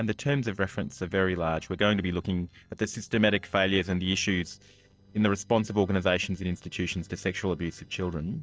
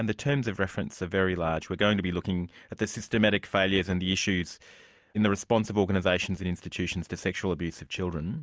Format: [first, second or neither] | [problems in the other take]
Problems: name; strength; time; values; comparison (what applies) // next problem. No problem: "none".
second | noise reduction (neural separator model SepFormer DNS4)